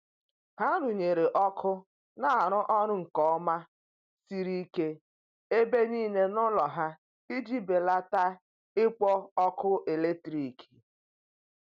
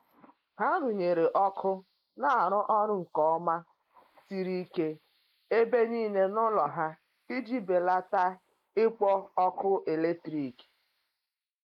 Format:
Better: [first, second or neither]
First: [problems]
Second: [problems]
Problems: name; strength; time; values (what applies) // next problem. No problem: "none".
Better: first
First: none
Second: noise reduction (neural mask model Resemble Enhance denoiser)